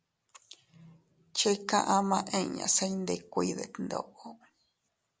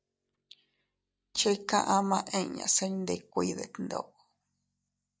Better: first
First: none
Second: noise reduction (neural mask model DeepFilterNet 3)

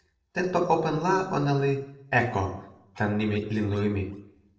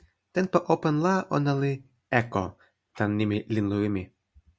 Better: second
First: noise reduction (neural separator model SepFormer DNS4)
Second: none

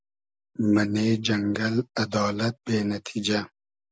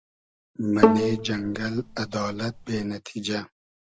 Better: first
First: none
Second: background sound (Bowed string instrument); 4 dB above the speech

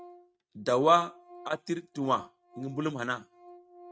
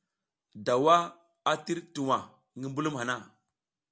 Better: second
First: noise reduction (neural mask model RNNoise)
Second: none

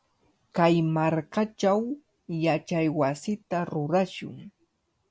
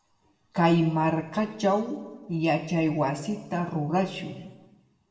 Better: first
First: none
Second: room echo; dies away in 1 s

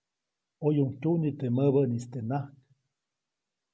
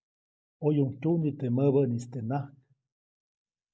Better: first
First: none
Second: noise reduction (neural mask model DeepFilterNet 3)

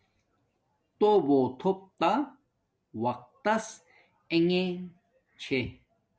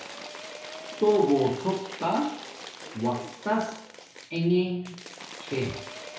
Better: first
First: none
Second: background sound (Applause / Crowd / Cheering); 13 dB below the speech // room echo; dies away in 0.6 s

